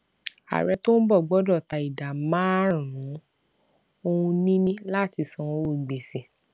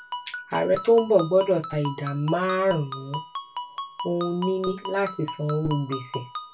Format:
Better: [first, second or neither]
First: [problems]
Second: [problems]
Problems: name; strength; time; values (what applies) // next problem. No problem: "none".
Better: first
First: none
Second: background sound (Ringtone); 11 dB below the speech // room echo; dies away in 0.2 s